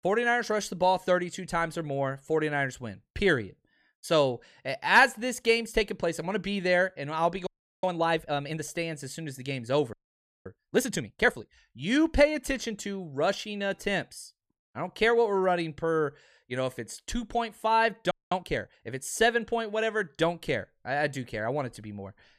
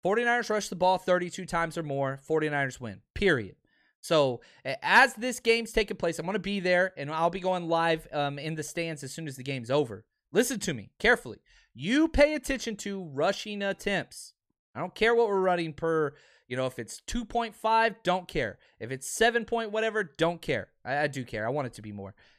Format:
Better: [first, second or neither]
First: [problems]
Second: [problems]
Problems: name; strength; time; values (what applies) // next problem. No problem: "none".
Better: second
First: audio freezing; at 7.5 s, at 10 s for 0.5 s and at 18 s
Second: none